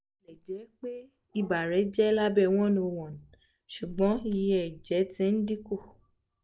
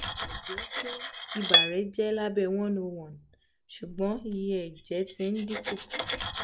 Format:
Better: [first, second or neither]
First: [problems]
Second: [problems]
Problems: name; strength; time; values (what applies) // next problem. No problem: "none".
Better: first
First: none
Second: background sound (Cutlery, silverware); as loud as the speech